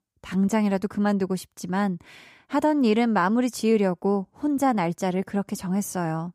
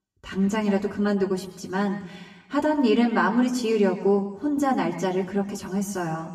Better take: first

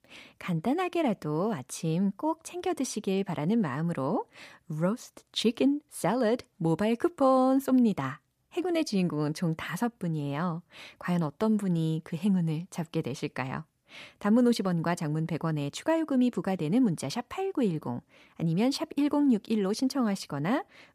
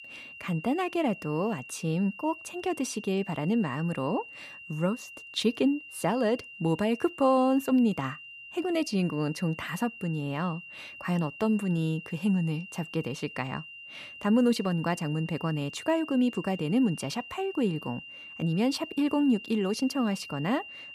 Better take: first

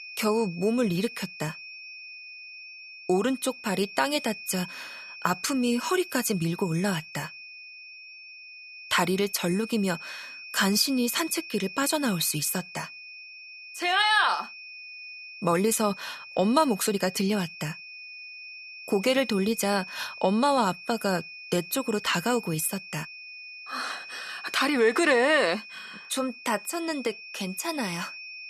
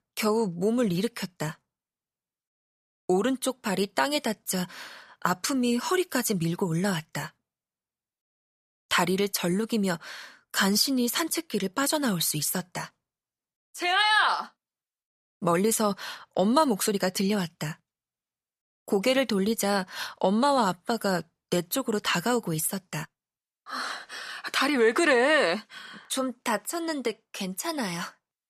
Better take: second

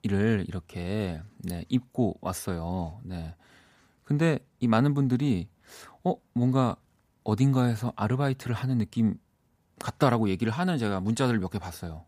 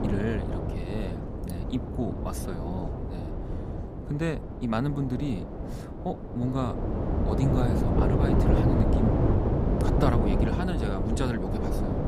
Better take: first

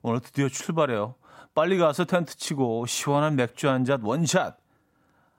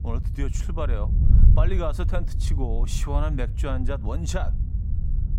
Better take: first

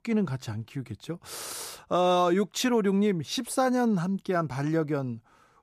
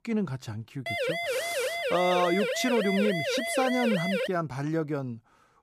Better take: first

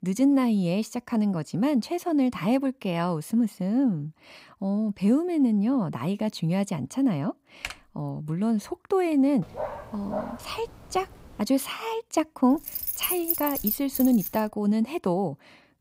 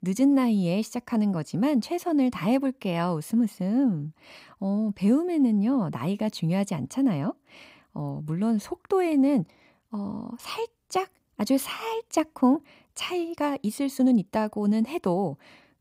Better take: second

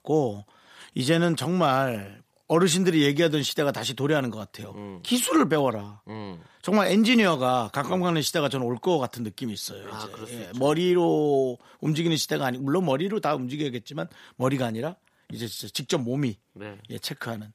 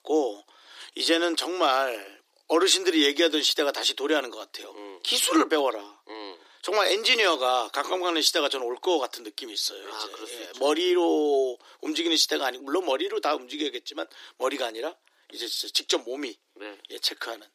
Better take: first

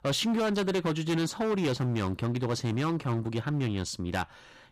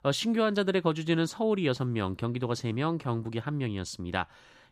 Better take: second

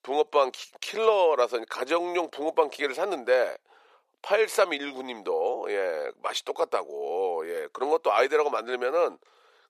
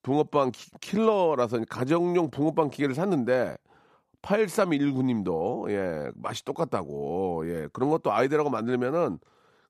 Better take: second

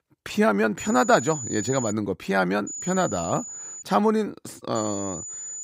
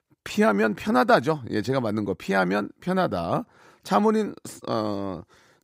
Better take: second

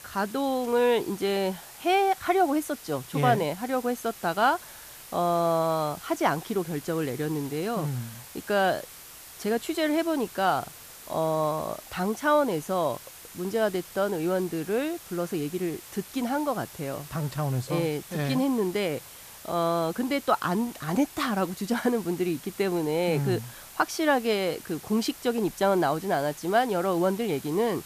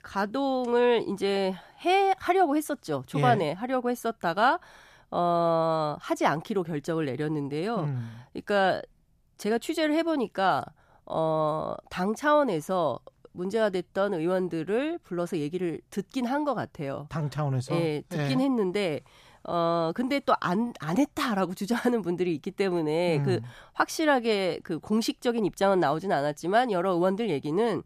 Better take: second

